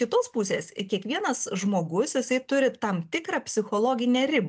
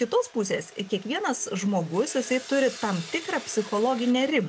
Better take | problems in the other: first | background sound (Sawing); 18 dB below the speech

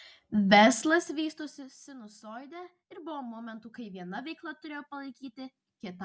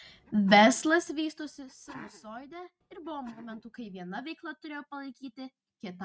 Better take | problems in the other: first | noise reduction (neural mask model RNNoise)

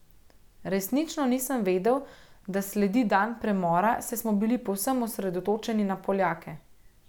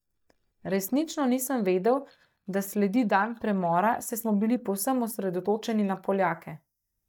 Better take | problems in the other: first | noise reduction (neural mask model DeepFilterNet 3)

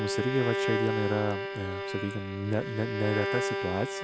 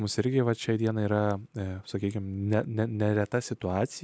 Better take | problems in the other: second | background sound (Bowed string instrument); 1 dB below the speech

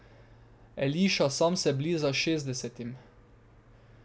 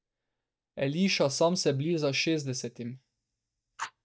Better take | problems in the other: first | noise reduction (neural mask model DeepFilterNet 3)

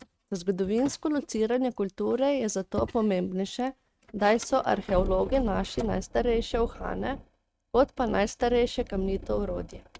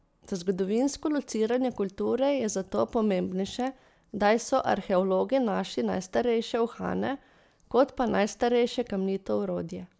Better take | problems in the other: second | noise reduction (neural mask model RNNoise)

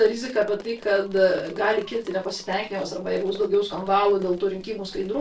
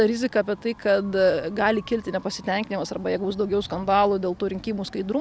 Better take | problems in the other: second | noise reduction (neural separator model SepFormer DNS4)

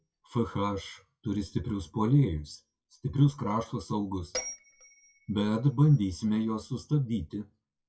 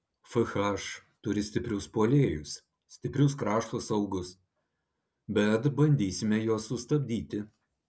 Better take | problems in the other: second | noise reduction (classical method WPE with log-MMSE)

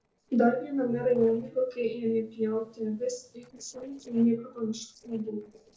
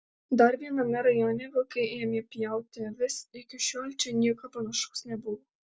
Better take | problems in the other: second | noise reduction (neural separator model SepFormer DNS4)

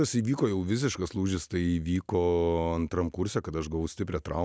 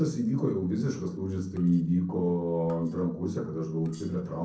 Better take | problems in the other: first | noise reduction (neural separator model SepFormer DNS4)

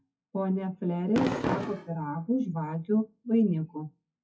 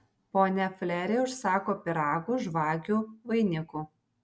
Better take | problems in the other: second | noise reduction (classical method WPE with log-MMSE)

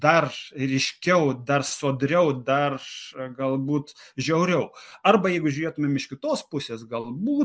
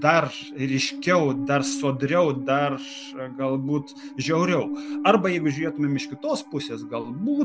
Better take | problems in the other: first | background sound (Musical instrument); 10 dB below the speech

